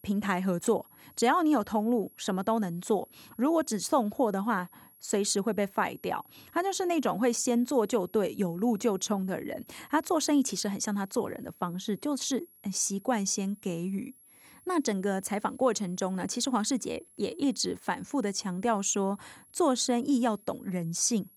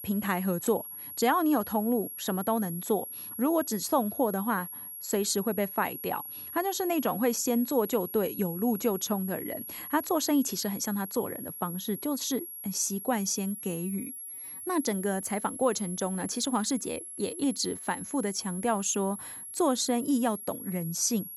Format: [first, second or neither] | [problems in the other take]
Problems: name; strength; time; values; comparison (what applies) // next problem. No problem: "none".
first | high-pitched whine; loud; throughout; 11.5 kHz, 9 dB below the speech; faint in the first